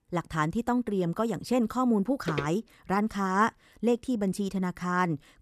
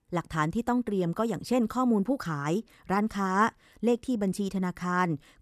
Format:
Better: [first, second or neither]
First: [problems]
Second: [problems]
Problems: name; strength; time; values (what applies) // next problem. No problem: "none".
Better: second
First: footsteps; noticeable; at 2.5 s; peak 7 dB below the speech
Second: none